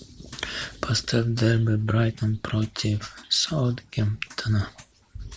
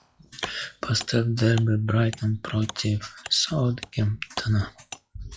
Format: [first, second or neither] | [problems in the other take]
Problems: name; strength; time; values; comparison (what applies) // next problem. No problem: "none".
first | noise reduction (classical method log-MMSE)